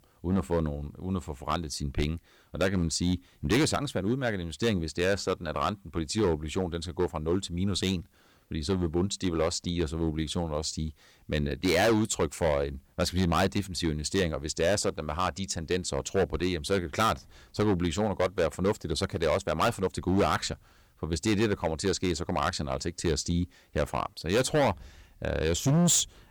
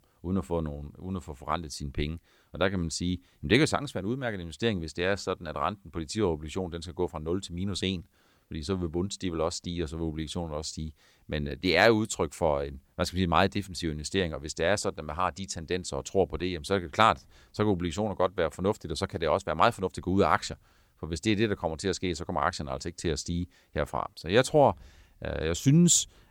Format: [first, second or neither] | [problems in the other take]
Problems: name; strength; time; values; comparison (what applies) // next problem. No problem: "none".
second | distortion; heavy; 6% of the sound clipped